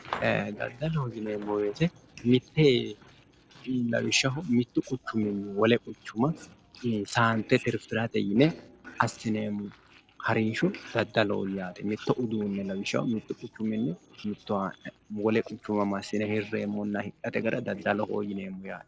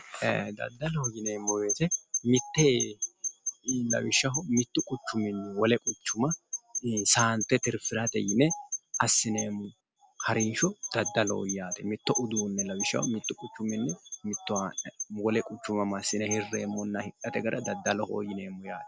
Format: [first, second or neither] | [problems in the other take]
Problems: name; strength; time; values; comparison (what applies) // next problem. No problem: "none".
second | noise reduction (neural separator model SepFormer DNS4)